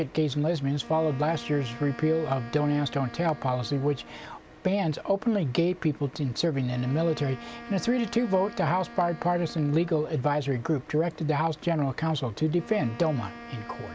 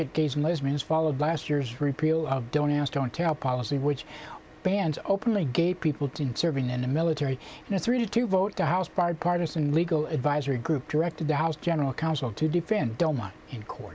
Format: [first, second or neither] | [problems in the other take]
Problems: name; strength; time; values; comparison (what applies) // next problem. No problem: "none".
second | background sound (Wind instrument, woodwind instrument); 19 dB below the speech